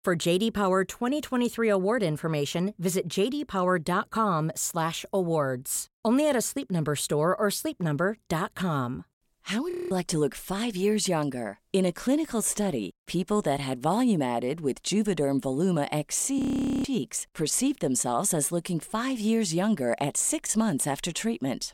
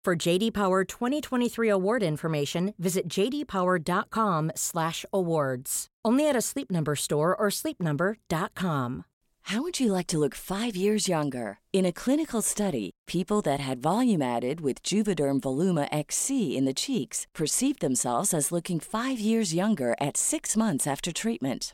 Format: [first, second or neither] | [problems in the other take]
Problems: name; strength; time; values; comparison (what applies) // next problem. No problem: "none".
second | audio freezing; at 9.5 s and at 16 s